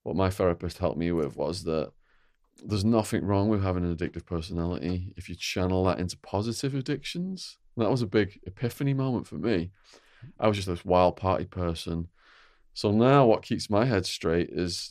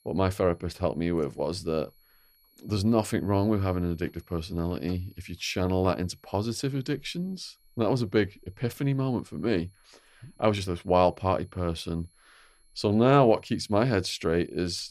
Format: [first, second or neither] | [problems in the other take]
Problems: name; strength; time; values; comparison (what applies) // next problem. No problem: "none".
first | high-pitched whine; faint; throughout; 11.5 kHz, 35 dB below the speech